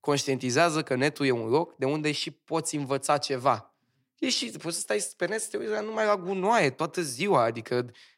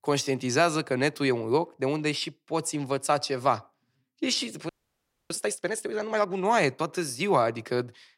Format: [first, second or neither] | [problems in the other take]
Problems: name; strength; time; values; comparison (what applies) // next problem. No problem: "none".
first | audio freezing; at 4.5 s for 0.5 s